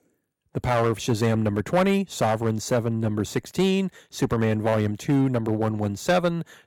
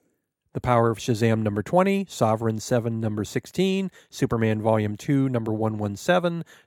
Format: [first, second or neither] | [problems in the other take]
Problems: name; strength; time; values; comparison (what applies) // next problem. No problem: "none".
second | distortion; slight; 5% of the sound clipped